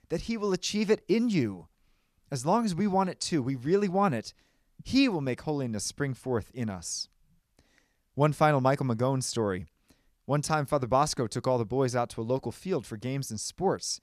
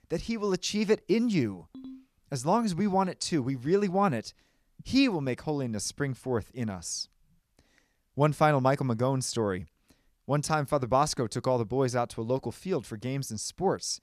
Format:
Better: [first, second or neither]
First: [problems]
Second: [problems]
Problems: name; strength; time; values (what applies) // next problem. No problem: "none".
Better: first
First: none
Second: phone ringing; faint; at 1.5 s; peak 15 dB below the speech